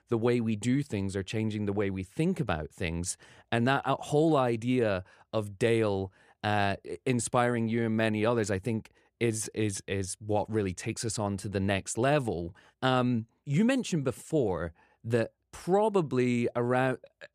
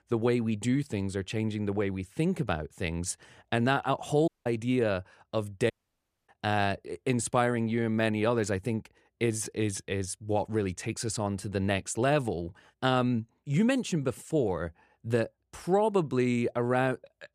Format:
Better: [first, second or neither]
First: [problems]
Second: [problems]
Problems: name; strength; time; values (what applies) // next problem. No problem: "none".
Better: first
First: none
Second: audio cutting out; at 4.5 s and at 5.5 s for 0.5 s